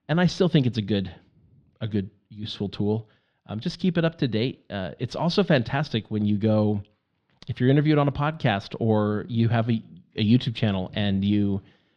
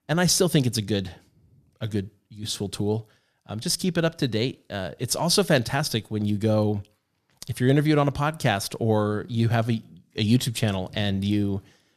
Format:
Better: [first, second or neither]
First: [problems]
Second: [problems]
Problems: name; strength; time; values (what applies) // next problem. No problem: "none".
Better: second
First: muffled; slightly; fading above 3.5 kHz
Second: none